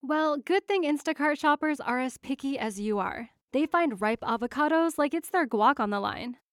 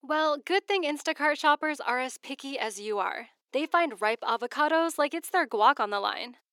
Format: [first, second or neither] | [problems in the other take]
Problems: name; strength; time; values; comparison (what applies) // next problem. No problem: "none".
first | thin; somewhat; fading below 400 Hz